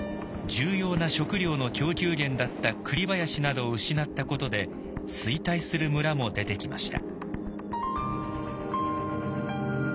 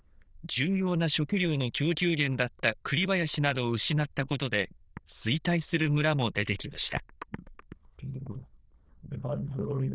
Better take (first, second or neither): first